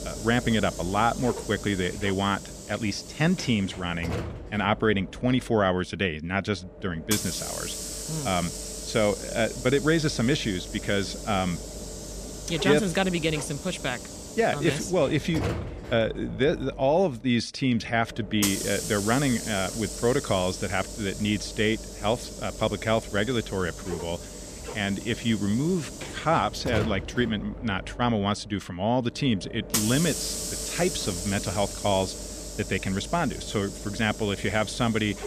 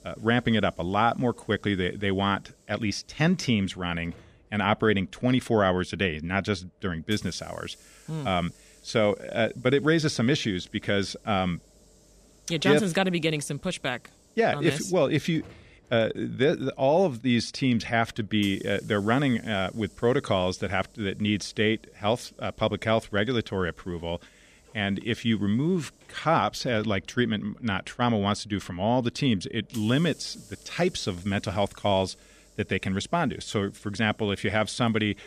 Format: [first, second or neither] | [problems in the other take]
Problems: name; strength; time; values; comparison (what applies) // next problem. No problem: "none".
second | hiss; loud; throughout; 8 dB below the speech; faint in the second